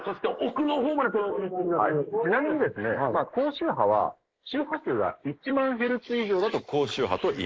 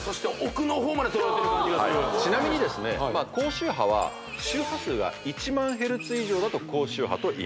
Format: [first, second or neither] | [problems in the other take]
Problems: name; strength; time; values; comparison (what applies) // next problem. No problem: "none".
second | noise reduction (neural mask model Resemble Enhance denoiser)